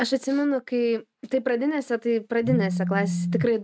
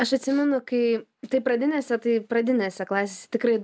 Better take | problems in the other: second | noise reduction (neural mask model RNNoise)

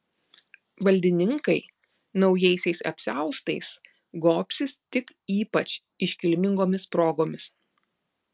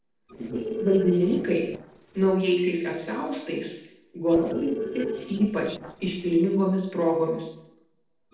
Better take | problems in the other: first | noise reduction (neural separator model SepFormer DNS4)

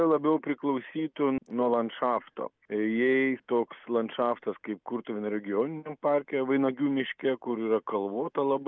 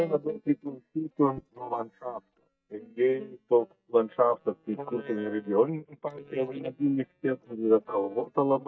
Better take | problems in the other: first | noise reduction (neural mask model DeepFilterNet 3)

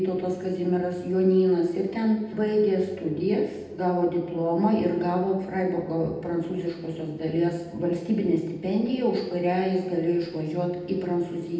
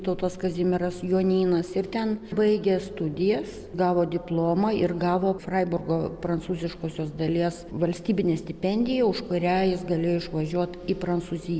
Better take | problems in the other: second | room echo; dies away in 0.8 s

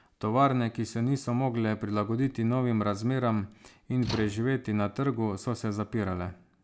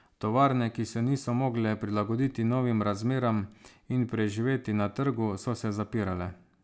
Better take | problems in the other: second | background sound (Slam / Tools); 13 dB below the speech

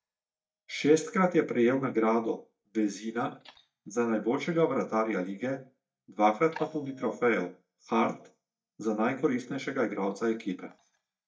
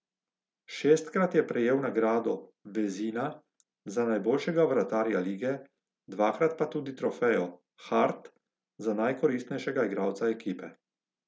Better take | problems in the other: second | noise reduction (neural mask model DeepFilterNet 3)

